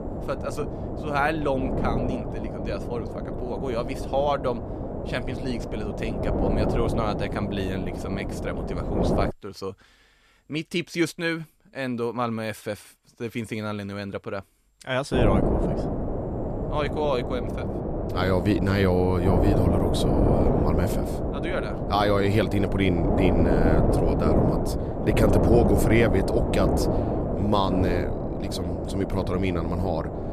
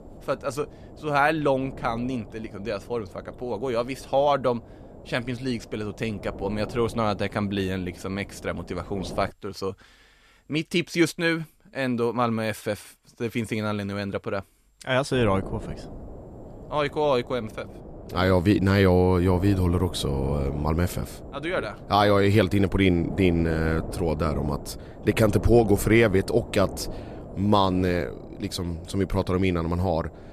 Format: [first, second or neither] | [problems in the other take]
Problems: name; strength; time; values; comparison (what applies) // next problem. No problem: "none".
second | wind noise on the microphone; heavy; until 9.5 s and from 15 s on; 1 dB below the speech; occasional gusts in the second